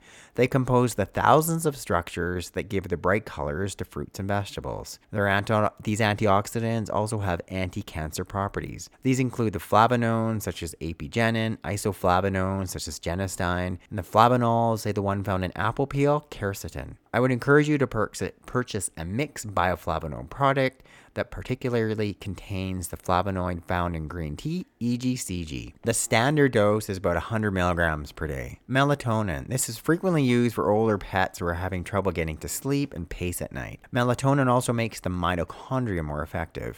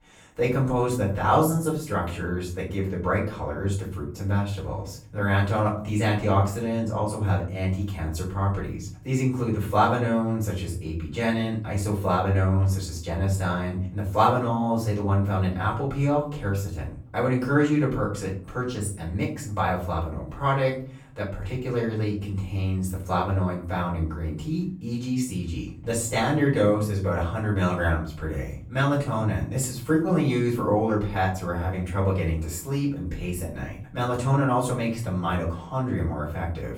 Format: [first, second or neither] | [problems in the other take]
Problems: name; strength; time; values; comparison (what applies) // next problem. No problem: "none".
first | off-mic speech; far // room echo; slight; dies away in 0.6 s